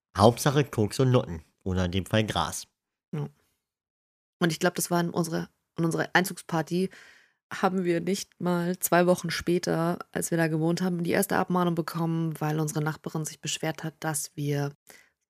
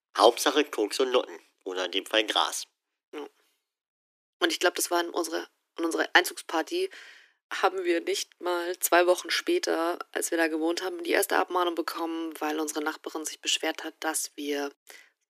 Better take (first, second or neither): first